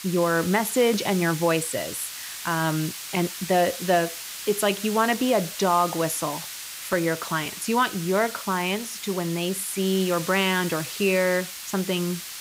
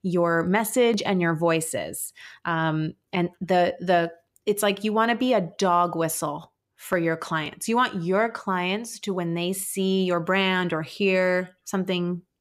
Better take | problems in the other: second | hiss; loud; throughout; 9 dB below the speech

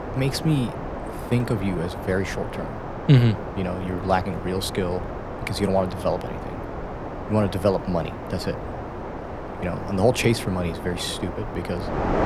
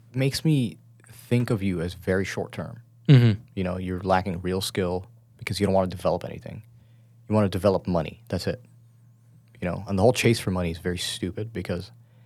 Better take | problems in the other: second | wind noise on the microphone; heavy; 6 dB below the speech

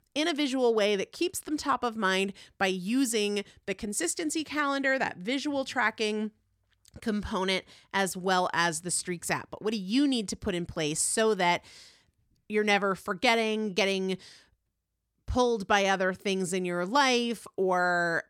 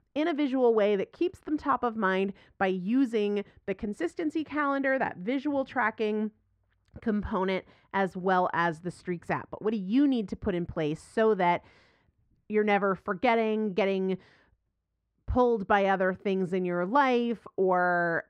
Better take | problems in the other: first | muffled; very; fading above 4 kHz

